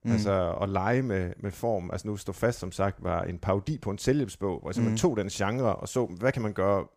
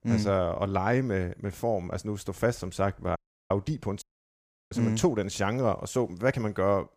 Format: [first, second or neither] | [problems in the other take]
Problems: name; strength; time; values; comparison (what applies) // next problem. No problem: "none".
first | audio cutting out; at 3 s and at 4 s for 0.5 s